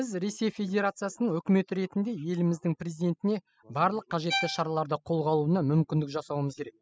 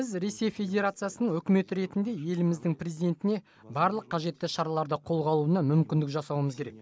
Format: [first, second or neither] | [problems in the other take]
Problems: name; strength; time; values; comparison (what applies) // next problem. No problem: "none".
second | noise reduction (classical method spectral subtraction)